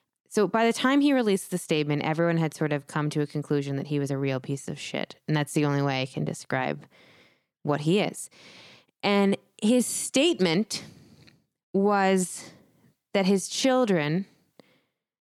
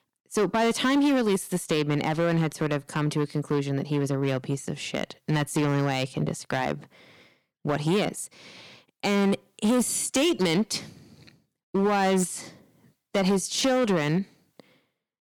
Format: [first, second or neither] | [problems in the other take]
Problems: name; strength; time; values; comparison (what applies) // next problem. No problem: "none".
first | distortion; slight; 9% of the sound clipped